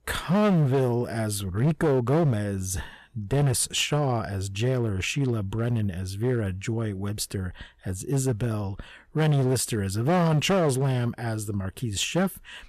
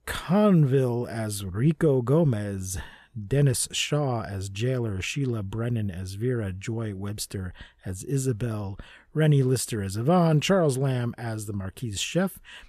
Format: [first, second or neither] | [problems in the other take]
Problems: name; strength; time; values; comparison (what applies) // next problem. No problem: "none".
second | distortion; slight; 9% of the sound clipped